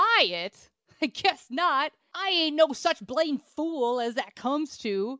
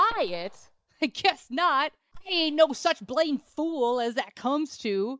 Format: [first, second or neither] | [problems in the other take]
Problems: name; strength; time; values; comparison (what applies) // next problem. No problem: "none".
first | noise reduction (neural mask model DeepFilterNet 3)